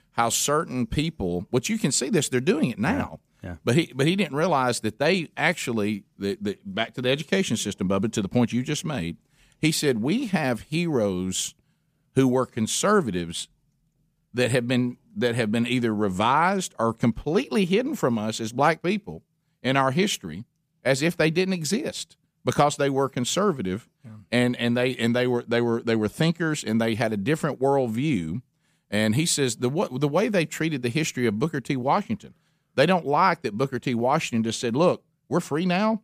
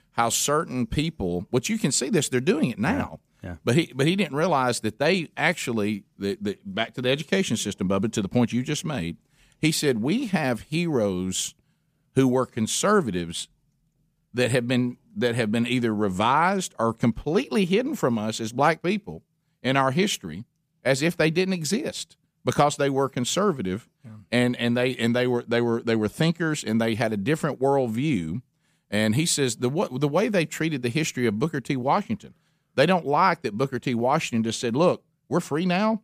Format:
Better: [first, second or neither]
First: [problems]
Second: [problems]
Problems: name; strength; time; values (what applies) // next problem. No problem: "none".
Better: neither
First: none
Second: none